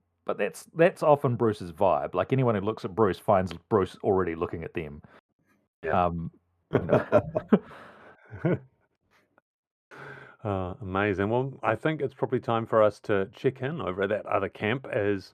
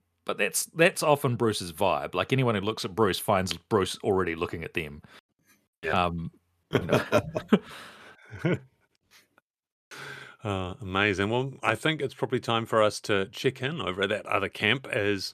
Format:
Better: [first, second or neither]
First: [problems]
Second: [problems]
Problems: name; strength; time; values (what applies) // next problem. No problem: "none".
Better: second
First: muffled; very; fading above 2.5 kHz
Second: none